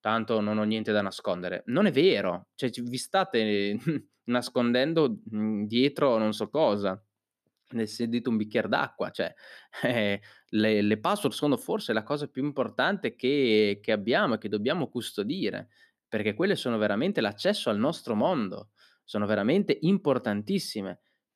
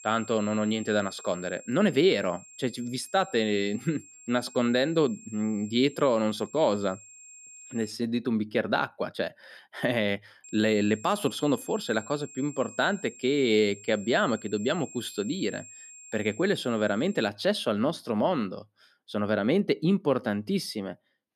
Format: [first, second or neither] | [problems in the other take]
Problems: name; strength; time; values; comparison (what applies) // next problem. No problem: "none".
first | high-pitched whine; noticeable; until 8 s and from 10 to 17 s; 7.5 kHz, 20 dB below the speech